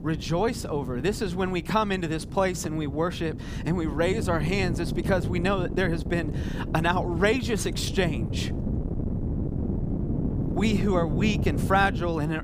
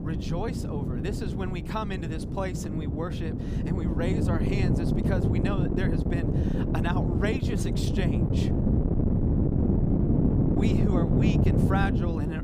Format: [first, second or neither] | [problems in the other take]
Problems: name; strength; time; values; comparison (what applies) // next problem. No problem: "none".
first | wind noise on the microphone; heavy; 1 dB above the speech; occasional gusts in the first